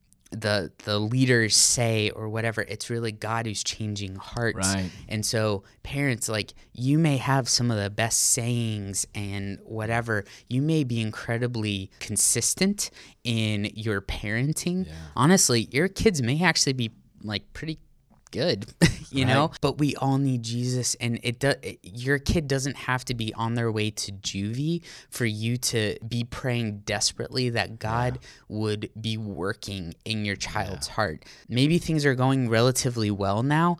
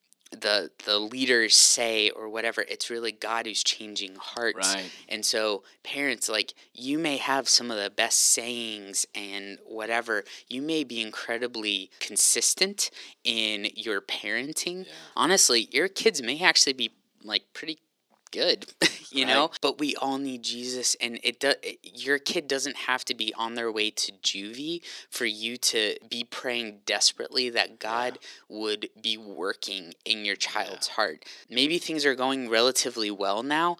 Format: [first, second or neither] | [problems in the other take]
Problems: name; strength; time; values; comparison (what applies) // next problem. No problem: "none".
first | thin; somewhat; fading below 300 Hz